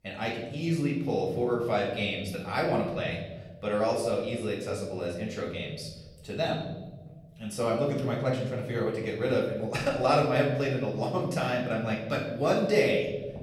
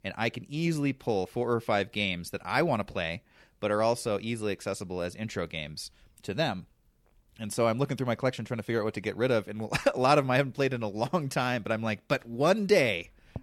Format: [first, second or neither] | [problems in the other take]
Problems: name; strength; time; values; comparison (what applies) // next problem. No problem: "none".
second | off-mic speech; far // room echo; noticeable; dies away in 1.3 s